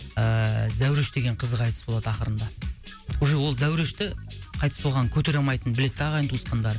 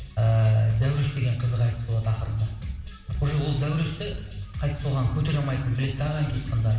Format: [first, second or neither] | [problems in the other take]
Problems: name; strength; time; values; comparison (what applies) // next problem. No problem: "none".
first | room echo; dies away in 0.9 s